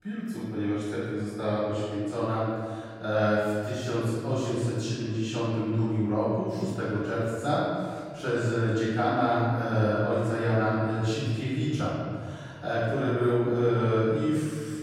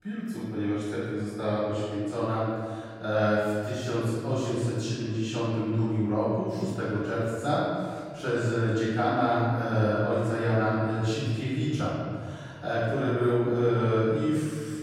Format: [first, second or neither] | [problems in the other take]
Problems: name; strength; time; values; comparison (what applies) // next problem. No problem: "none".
neither | off-mic speech; far; the same in both // room echo; strong; dies away in 2 s; the same in both